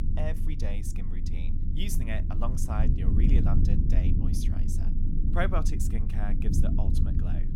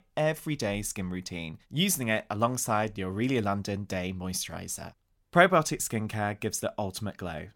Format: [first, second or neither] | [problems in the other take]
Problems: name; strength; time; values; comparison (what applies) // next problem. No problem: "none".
second | low rumble; loud; throughout; 3 dB below the speech